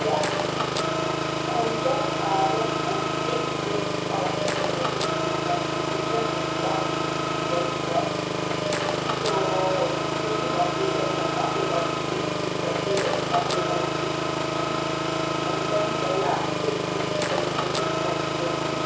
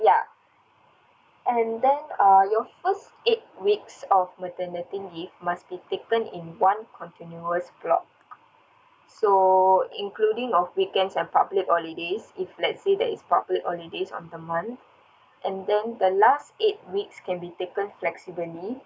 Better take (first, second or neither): second